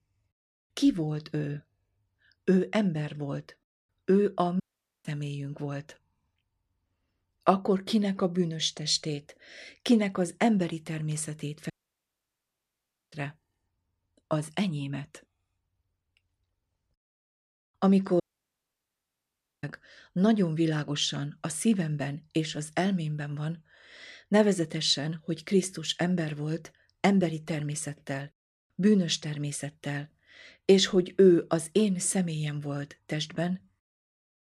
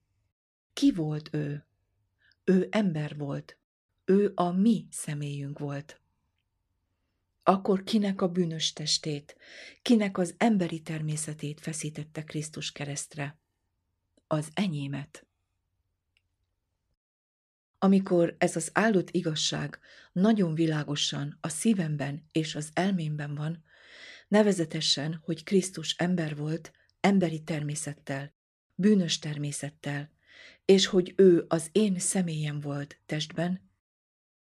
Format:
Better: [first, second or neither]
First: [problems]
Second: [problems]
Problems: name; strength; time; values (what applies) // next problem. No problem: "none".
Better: second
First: audio cutting out; at 4.5 s, at 12 s for 1.5 s and at 18 s for 1.5 s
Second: none